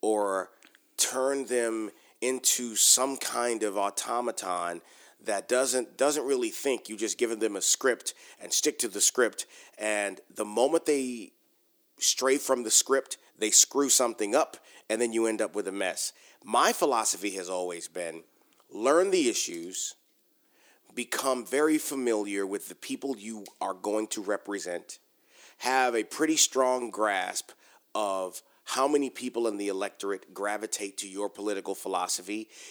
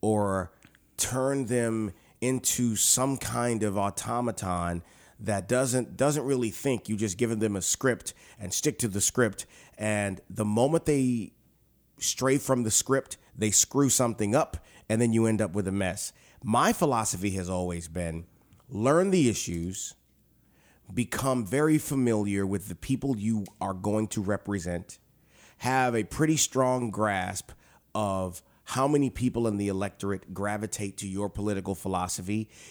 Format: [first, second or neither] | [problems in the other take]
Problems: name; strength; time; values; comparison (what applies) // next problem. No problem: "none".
second | thin; somewhat; fading below 350 Hz